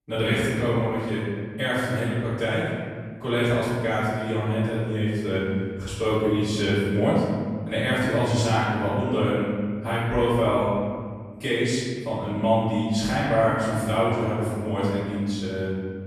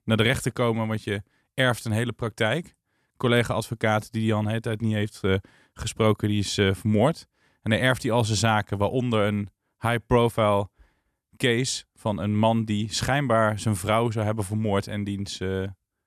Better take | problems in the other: second | room echo; strong; dies away in 1.8 s // off-mic speech; far

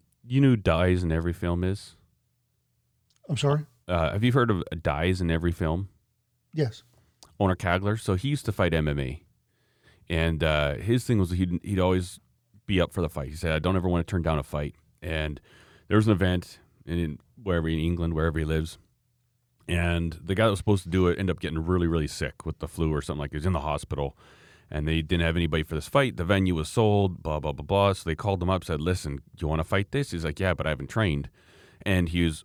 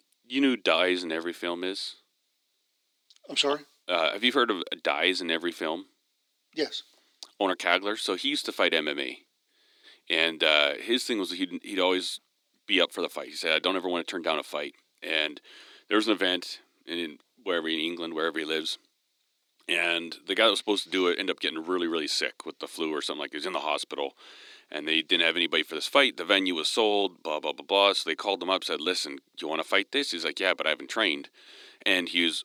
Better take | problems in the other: first | thin; somewhat; fading below 250 Hz

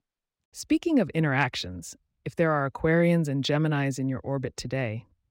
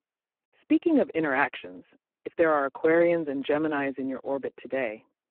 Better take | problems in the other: first | phone-call audio; poor line

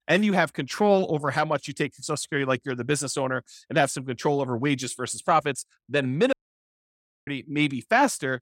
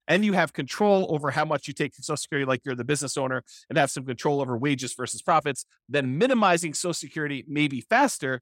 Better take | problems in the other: second | audio cutting out; at 6.5 s for 1 s

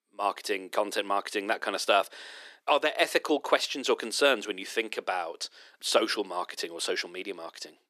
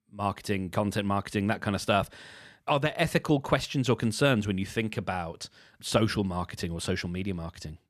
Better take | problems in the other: second | thin; very; fading below 350 Hz

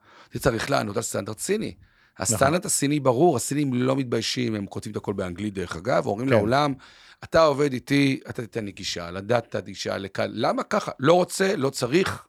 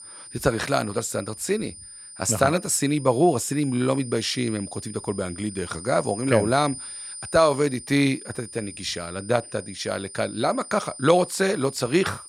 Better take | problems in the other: first | high-pitched whine; noticeable; throughout; 9 kHz, 15 dB below the speech

